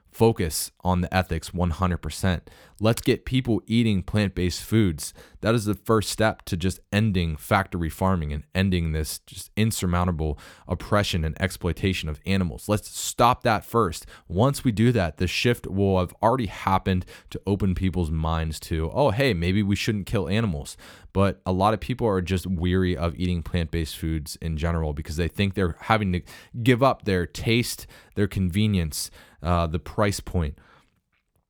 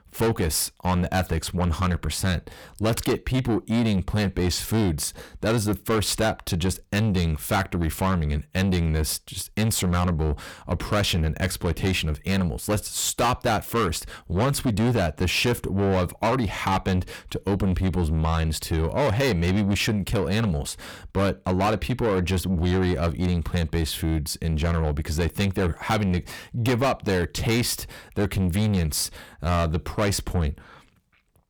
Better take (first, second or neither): first